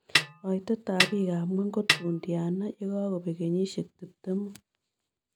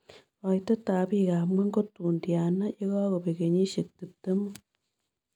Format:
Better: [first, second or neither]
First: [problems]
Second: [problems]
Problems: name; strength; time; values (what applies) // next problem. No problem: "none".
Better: second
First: background sound (Snare drum); as loud as the speech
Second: none